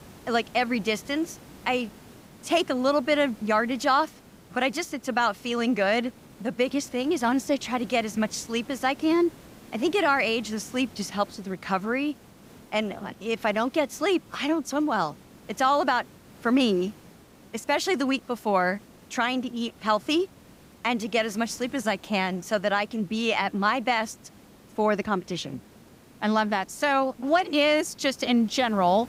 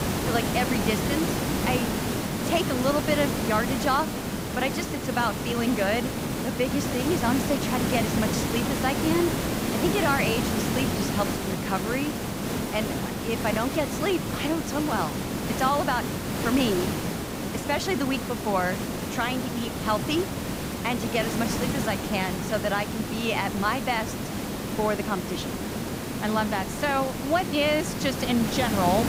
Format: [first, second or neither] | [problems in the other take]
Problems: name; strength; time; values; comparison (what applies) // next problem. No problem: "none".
first | hiss; loud; throughout; 1 dB below the speech; faint in the first